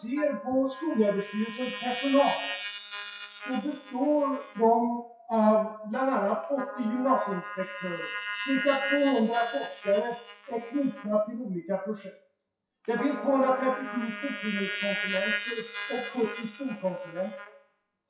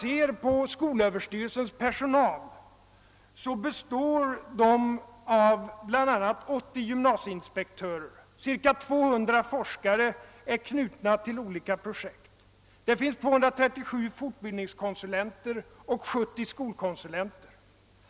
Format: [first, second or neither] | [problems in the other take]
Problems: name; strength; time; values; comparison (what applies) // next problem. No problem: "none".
second | noise reduction (classical method WPE with log-MMSE)